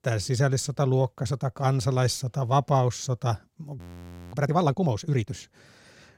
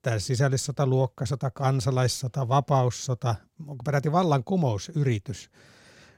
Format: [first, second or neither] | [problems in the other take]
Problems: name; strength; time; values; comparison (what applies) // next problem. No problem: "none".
second | audio freezing; at 4 s for 0.5 s